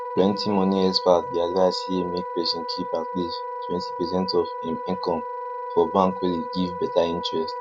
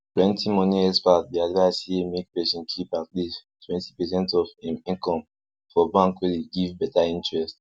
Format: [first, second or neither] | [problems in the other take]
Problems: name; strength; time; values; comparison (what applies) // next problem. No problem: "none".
second | background sound (Wind instrument, woodwind instrument); 7 dB below the speech